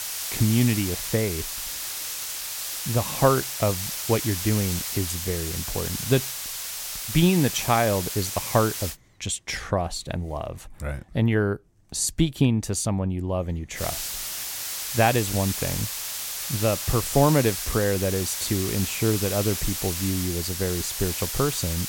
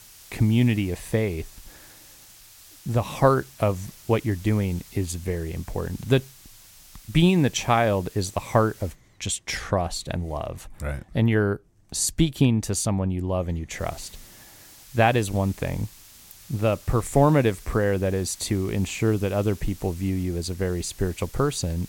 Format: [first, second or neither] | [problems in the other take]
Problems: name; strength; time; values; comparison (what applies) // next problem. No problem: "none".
second | hiss; loud; until 9 s and from 14 s on; 3 dB below the speech; faint in the second